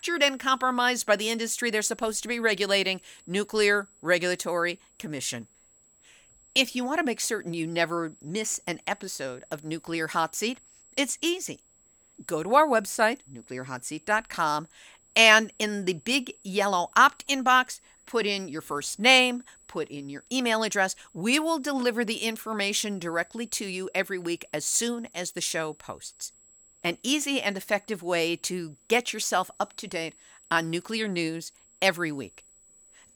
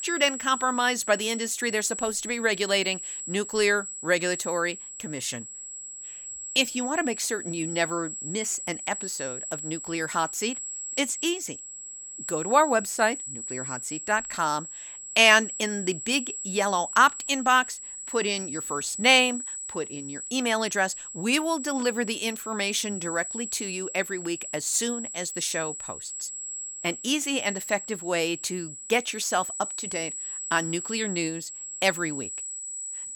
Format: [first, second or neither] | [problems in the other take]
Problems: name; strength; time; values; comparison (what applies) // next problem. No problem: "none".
first | high-pitched whine; loud; throughout; 7.5 kHz, 8 dB below the speech; faint in the first